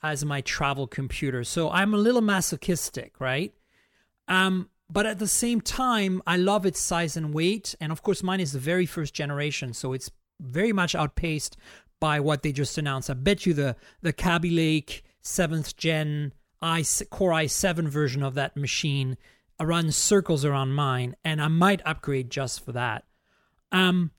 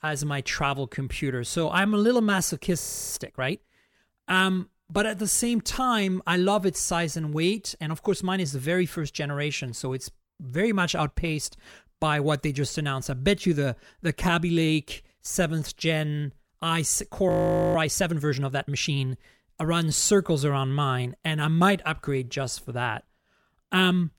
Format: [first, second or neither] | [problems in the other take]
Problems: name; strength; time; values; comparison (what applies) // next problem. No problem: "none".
first | audio freezing; at 3 s and at 17 s